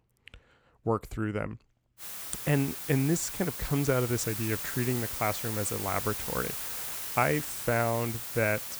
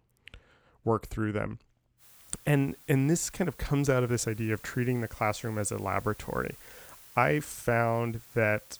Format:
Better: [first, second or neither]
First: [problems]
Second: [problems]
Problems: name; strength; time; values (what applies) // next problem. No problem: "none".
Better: second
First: hiss; loud; from 2 s on; 4 dB below the speech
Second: hiss; faint; from 2 s on; 20 dB below the speech